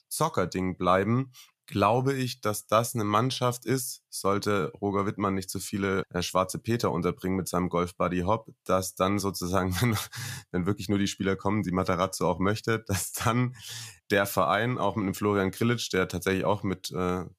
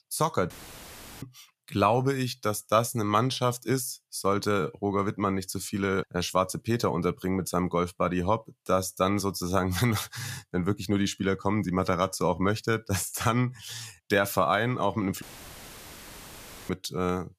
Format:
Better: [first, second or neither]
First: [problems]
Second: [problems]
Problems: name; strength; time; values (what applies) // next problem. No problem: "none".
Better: first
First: none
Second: audio cutting out; filled with static; at 0.5 s for 0.5 s and at 15 s for 1.5 s